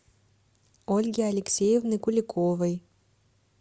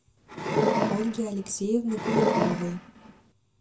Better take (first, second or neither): first